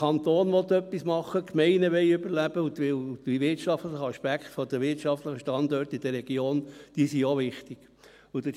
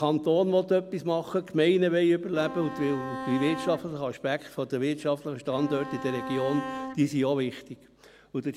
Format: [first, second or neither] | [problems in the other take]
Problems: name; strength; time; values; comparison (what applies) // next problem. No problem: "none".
first | background sound (Bowed string instrument); 9 dB below the speech